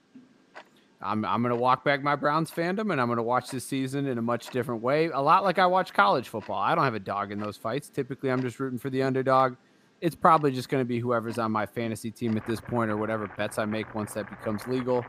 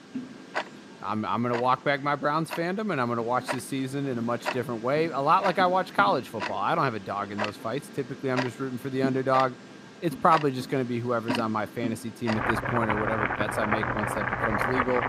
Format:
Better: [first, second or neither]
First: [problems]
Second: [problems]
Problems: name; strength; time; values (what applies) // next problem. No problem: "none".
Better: first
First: household noises; faint; throughout; 20 dB below the speech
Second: household noises; loud; throughout; 5 dB below the speech